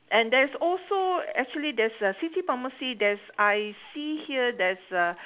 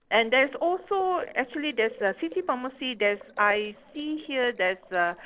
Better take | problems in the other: first | noise reduction (neural separator model SepFormer DNS4)

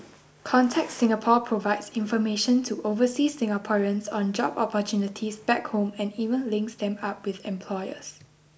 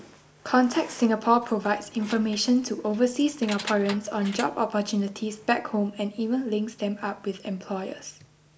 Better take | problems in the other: first | background sound (Keys jangling); 16 dB below the speech

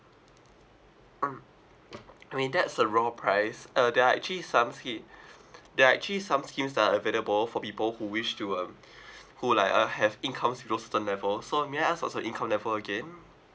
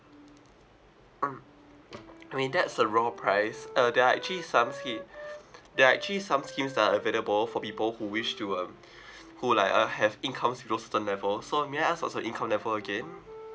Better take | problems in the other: first | background sound (Wind instrument, woodwind instrument); 18 dB below the speech

